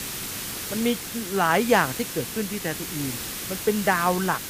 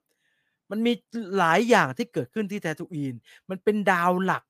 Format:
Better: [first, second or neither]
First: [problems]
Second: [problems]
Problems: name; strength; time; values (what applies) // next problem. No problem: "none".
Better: second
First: hiss; loud; throughout; 6 dB below the speech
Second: none